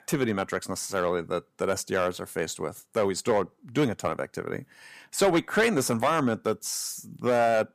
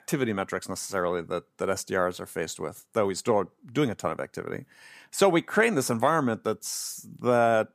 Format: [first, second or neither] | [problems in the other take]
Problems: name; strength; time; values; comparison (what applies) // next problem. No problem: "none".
second | distortion; slight; 3% of the sound clipped